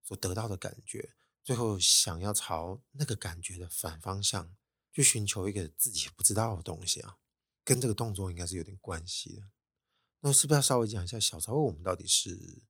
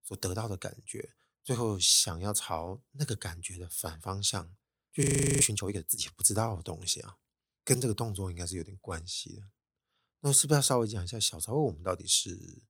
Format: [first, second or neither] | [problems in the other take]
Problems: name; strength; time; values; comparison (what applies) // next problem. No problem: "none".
first | audio freezing; at 5 s